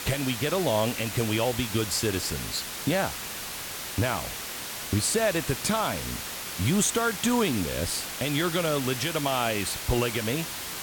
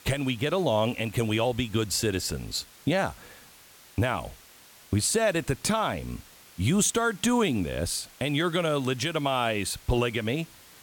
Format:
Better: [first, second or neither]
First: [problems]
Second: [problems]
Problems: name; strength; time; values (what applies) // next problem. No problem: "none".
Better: second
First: hiss; loud; throughout; 5 dB below the speech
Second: hiss; faint; throughout; 25 dB below the speech